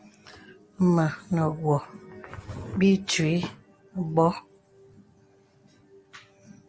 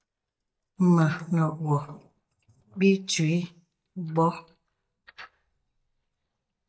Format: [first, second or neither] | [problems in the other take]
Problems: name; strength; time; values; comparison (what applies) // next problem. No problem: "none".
first | noise reduction (neural mask model DeepFilterNet 3)